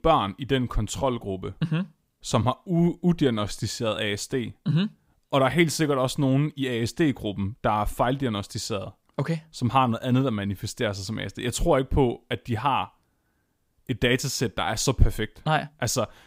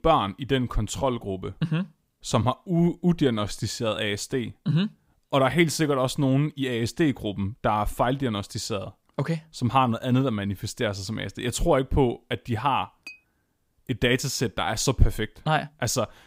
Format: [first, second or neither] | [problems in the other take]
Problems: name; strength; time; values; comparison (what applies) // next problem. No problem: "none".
first | clattering dishes; faint; at 13 s; peak 20 dB below the speech